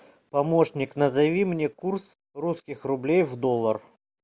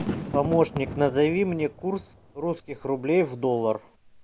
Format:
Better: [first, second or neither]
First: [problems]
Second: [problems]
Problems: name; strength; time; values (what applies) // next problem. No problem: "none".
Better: first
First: none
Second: background sound (Fireworks); 11 dB below the speech